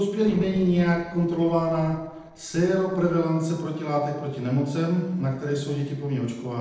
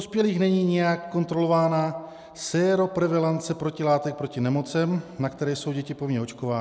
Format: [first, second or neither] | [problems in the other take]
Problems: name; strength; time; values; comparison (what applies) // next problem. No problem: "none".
second | noise reduction (neural separator model SepFormer DNS4)